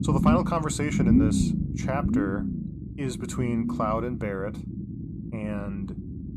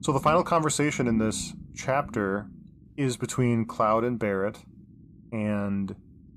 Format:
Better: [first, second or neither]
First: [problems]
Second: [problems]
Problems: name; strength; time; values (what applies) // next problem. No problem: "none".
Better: second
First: low rumble; loud; throughout; 4 dB below the speech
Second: low rumble; faint; throughout; 25 dB below the speech